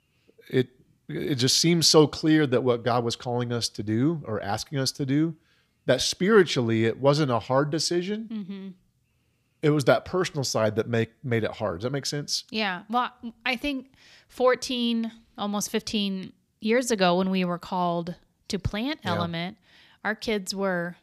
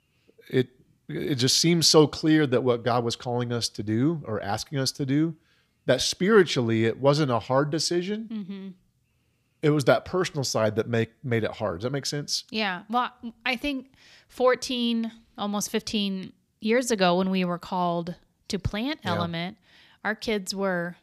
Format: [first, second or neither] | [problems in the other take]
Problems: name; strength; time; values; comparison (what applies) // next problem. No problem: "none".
neither | none